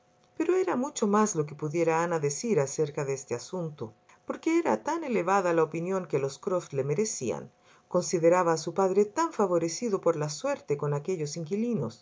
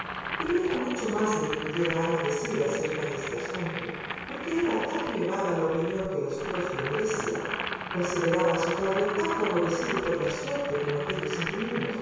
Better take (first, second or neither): first